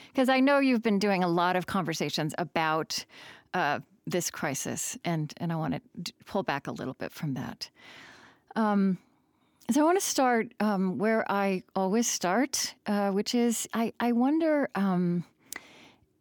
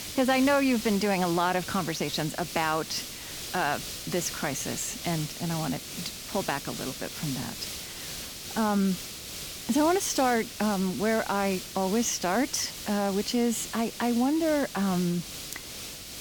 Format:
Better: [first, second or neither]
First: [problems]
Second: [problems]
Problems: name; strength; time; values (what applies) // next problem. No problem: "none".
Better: first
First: none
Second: hiss; loud; throughout; 8 dB below the speech